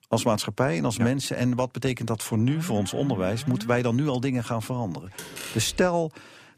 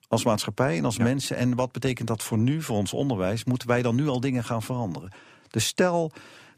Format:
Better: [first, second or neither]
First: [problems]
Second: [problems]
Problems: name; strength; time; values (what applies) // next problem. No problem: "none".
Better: second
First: alarm; noticeable; from 2.5 to 4 s; peak 10 dB below the speech // door banging; noticeable; at 5 s; peak 10 dB below the speech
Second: none